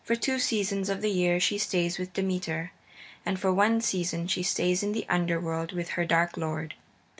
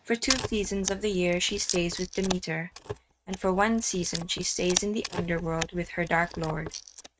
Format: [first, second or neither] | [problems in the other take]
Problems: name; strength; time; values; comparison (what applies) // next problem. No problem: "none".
first | noise reduction (neural mask model RNNoise)